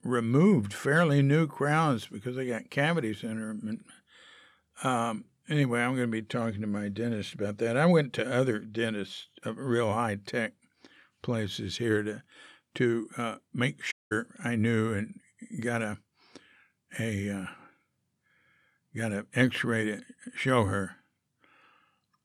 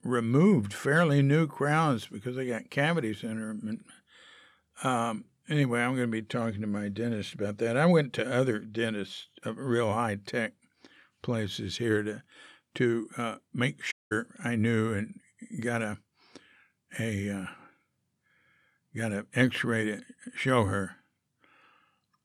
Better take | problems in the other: neither | audio cutting out; at 14 s; the same in both

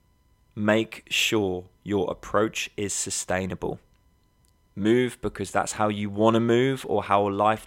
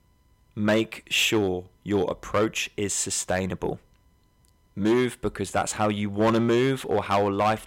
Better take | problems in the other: first | distortion; slight; 4% of the sound clipped

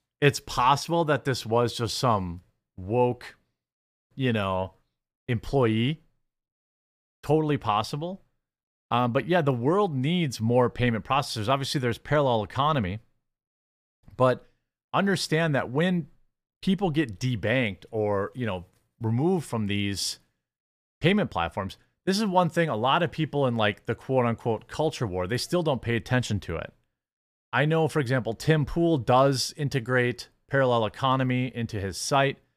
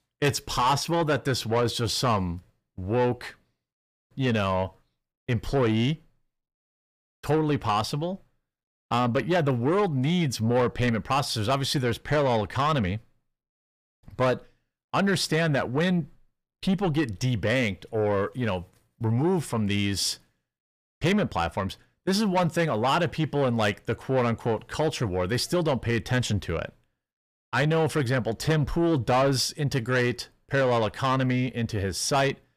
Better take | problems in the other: first | distortion; slight; 10 dB below the speech

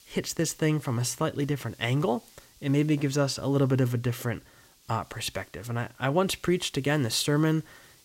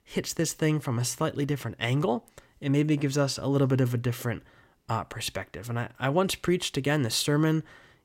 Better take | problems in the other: second | hiss; faint; throughout; 30 dB below the speech

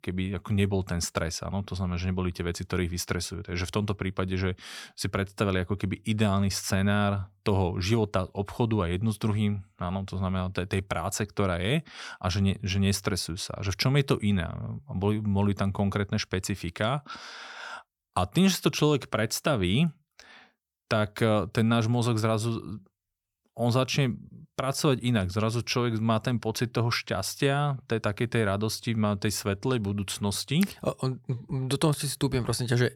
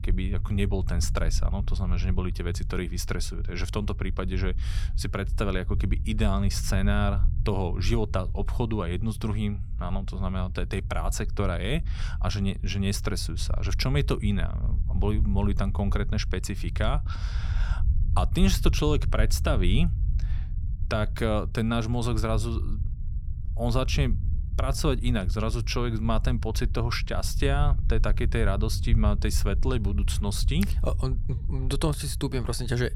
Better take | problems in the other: first | low rumble; noticeable; throughout; 15 dB below the speech

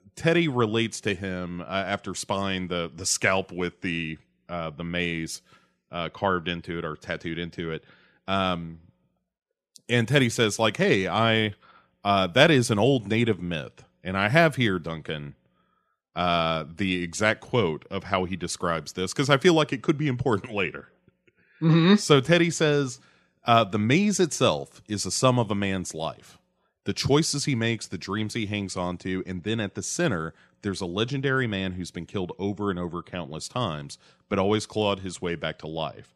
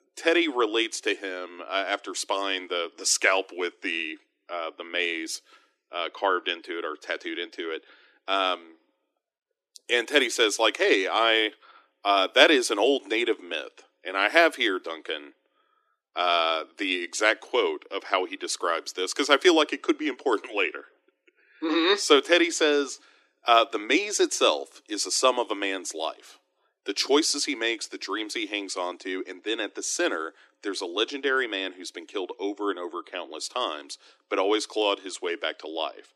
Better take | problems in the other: first | thin; somewhat; fading below 300 Hz

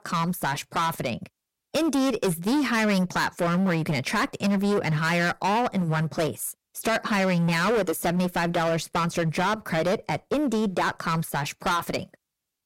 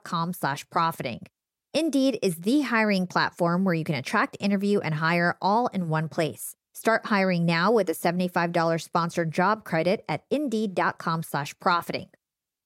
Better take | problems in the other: second | distortion; heavy; 19% of the sound clipped

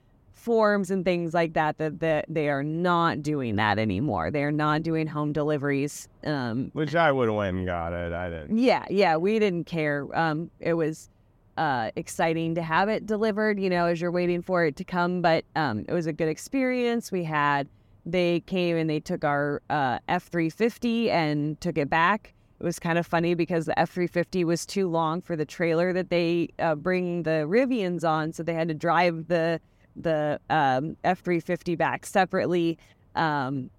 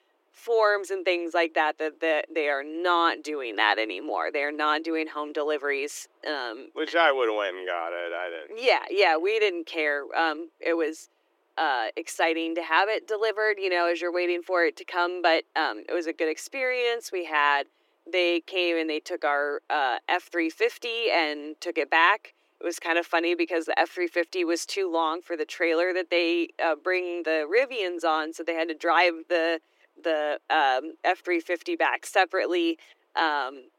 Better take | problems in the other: first | thin; very; fading below 300 Hz

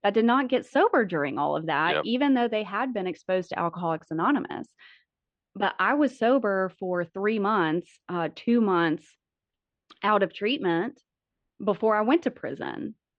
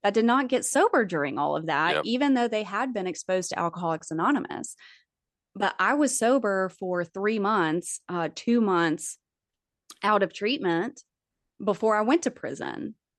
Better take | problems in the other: second | muffled; very; fading above 3.5 kHz

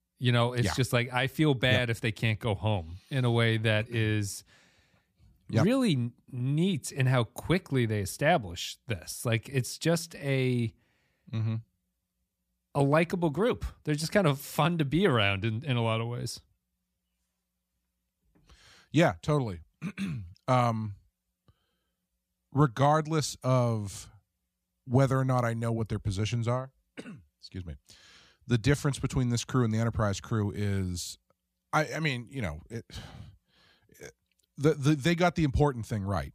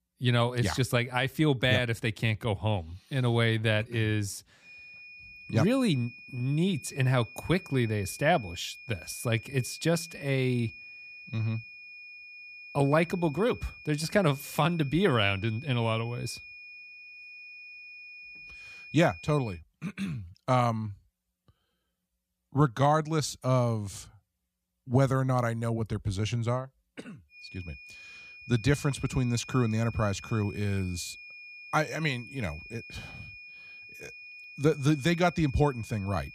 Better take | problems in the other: first | high-pitched whine; noticeable; from 4.5 to 20 s and from 27 s on; 2.5 kHz, 15 dB below the speech

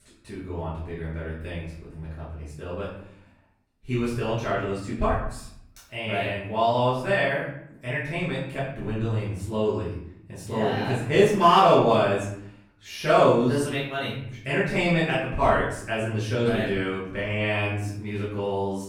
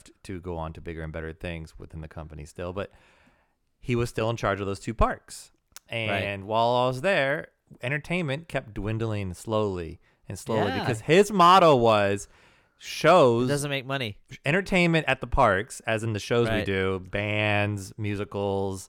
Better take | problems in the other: second | off-mic speech; far // room echo; noticeable; dies away in 0.7 s

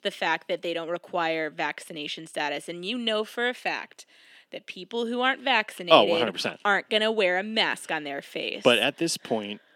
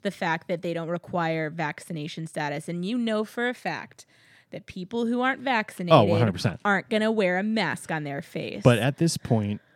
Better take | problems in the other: second | thin; somewhat; fading below 300 Hz

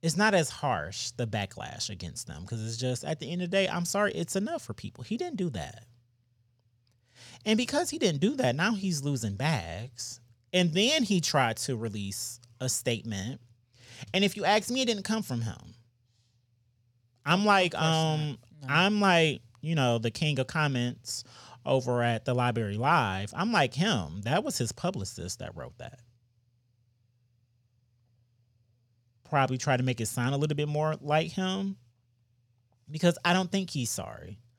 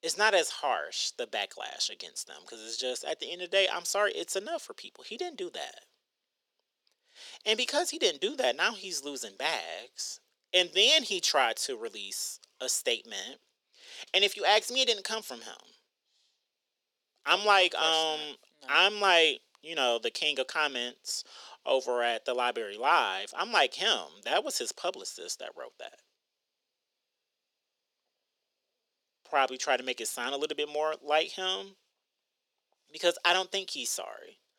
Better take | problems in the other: first | thin; very; fading below 350 Hz

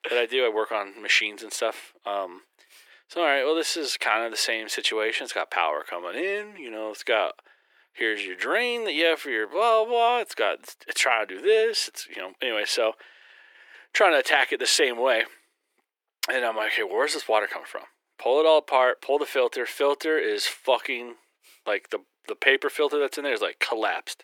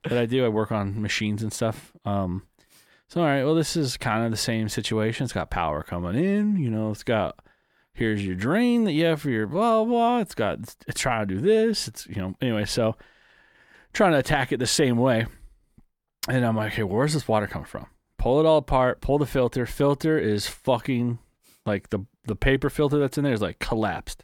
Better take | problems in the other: second | thin; very; fading below 350 Hz

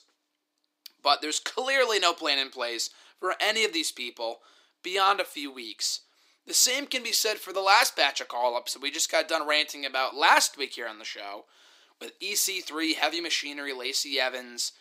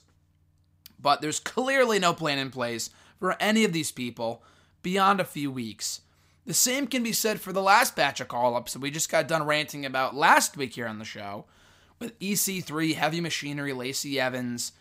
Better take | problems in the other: second | thin; somewhat; fading below 300 Hz

